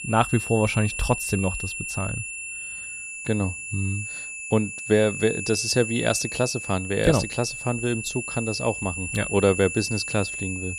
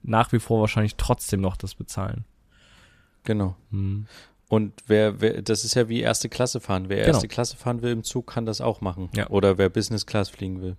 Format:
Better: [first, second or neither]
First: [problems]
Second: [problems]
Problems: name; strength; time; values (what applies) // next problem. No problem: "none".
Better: second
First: high-pitched whine; loud; throughout; 2.5 kHz, 6 dB below the speech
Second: none